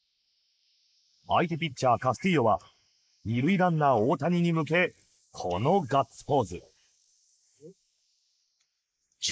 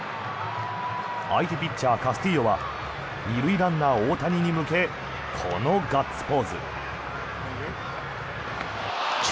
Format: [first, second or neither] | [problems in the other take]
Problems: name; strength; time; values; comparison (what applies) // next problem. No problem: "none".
second | noise reduction (neural mask model Resemble Enhance denoiser)